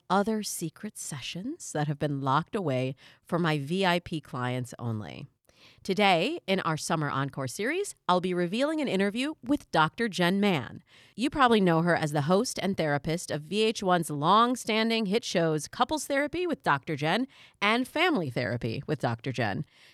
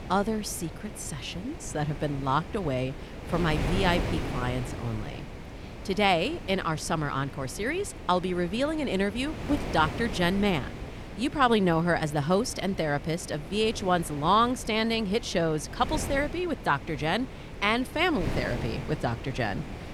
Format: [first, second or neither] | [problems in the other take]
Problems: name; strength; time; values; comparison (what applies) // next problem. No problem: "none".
first | wind noise on the microphone; occasional gusts; 15 dB below the speech